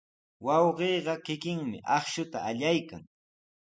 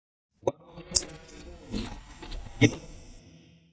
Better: first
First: none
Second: noise reduction (neural mask model DeepFilterNet 3)

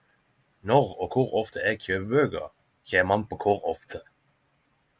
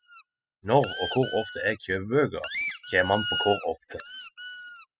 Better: first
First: none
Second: noise reduction (classical method spectral subtraction)

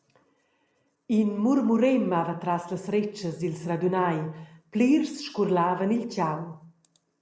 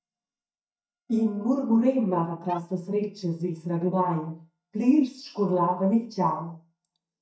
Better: first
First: none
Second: noise reduction (neural mask model DeepFilterNet 3)

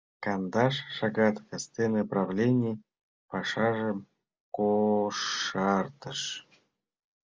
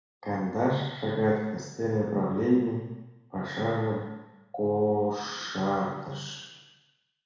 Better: first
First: none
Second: room echo; dies away in 1.1 s

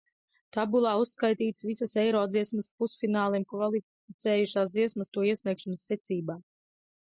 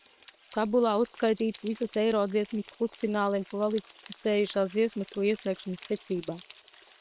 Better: first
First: none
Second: noise reduction (neural separator model SepFormer WHAM!)

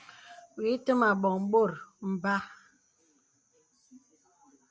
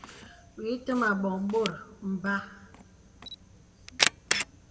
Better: first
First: none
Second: background sound (Camera); 3 dB below the speech // room echo; dies away in 1.2 s

